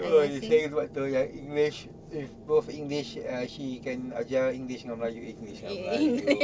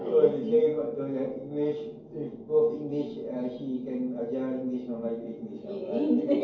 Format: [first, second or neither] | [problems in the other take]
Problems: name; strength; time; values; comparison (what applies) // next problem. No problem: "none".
first | room echo; dies away in 2.3 s